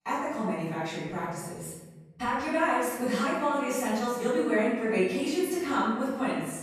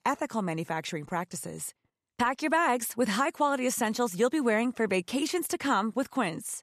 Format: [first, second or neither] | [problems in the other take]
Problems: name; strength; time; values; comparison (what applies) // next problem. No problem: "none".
second | off-mic speech; far // room echo; strong; dies away in 1.3 s